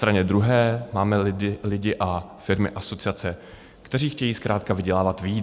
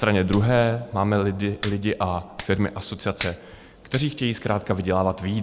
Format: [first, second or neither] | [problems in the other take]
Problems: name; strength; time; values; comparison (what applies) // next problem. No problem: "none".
first | background sound (Hands); 18 dB below the speech